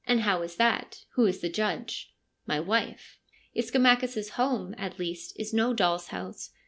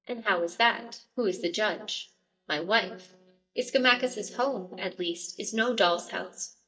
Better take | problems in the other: first | noise reduction (neural mask model DeepFilterNet 3)

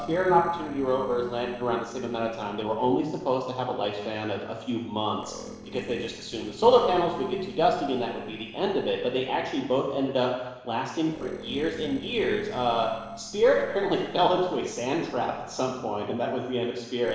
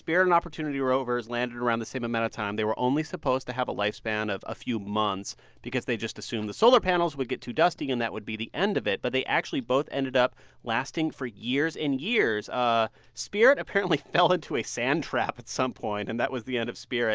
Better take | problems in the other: second | noise reduction (neural separator model SepFormer DNS4)

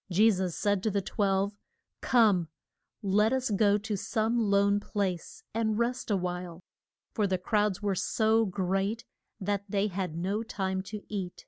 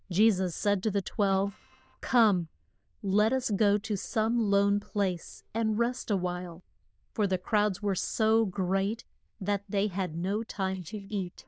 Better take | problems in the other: first | noise reduction (neural diffusion model UNIVERSE++)

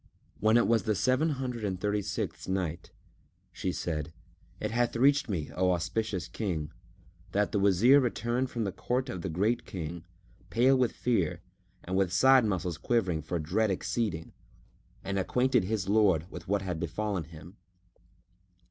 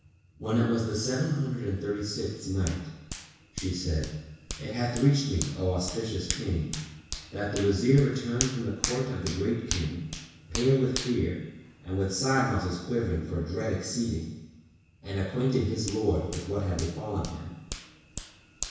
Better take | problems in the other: first | background sound (Hands); 12 dB below the speech // room echo; dies away in 1.1 s

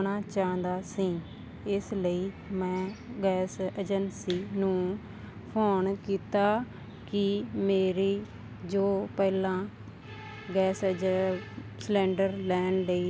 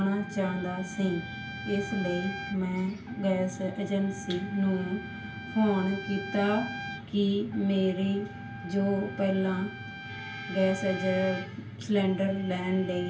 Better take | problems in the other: first | background sound (Trumpet); 13 dB below the speech // room echo; dies away in 0.3 s

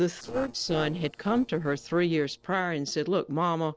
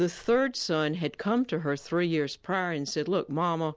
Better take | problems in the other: second | noise reduction (neural separator model SepFormer DNS4)

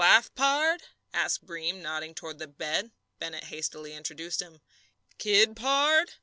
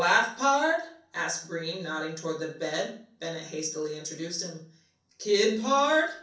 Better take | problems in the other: first | room echo; dies away in 0.6 s

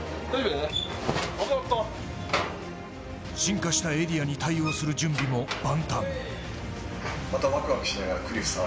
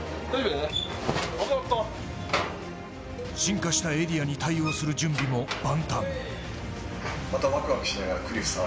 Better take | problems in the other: first | background sound (Cowbell); 20 dB below the speech

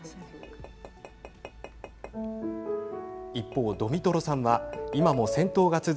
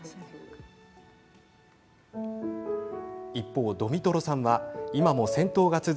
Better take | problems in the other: second | background sound (Tap / Glass); 19 dB below the speech

